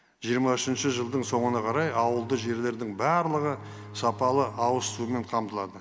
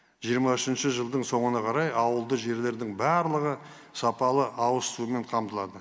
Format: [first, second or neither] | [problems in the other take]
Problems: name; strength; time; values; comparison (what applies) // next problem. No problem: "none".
second | background sound (Bowed string instrument); 15 dB below the speech